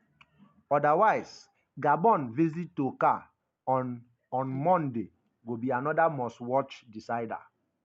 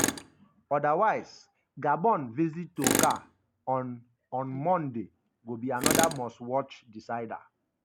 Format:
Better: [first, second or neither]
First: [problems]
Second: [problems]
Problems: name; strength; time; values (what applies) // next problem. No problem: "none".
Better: first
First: none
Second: background sound (Tools); 5 dB below the speech